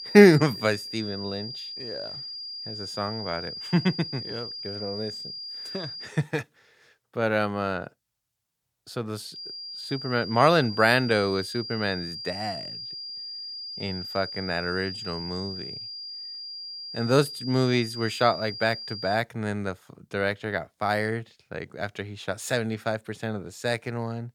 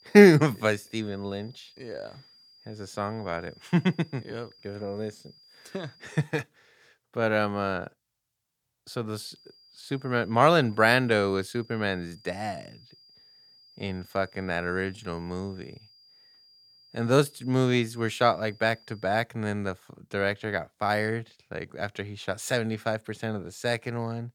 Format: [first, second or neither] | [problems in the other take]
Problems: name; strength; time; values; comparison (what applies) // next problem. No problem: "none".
second | high-pitched whine; loud; until 6 s and from 9.5 to 19 s; 5 kHz, 8 dB below the speech; faint in the second